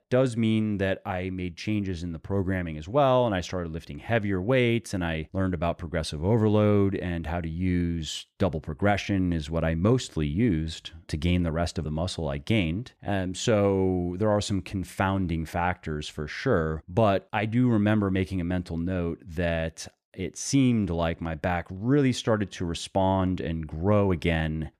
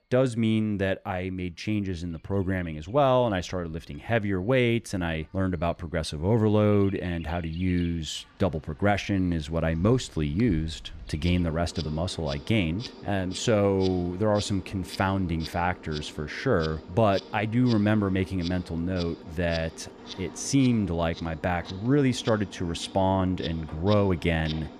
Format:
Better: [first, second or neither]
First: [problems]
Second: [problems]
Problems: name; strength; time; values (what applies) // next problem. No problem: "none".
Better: first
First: none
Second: animal sounds; noticeable; throughout; 15 dB below the speech